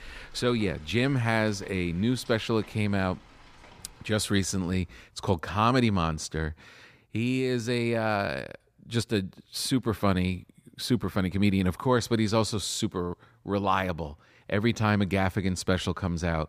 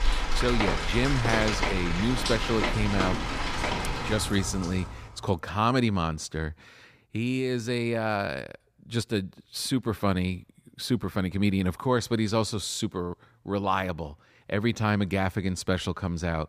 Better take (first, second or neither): first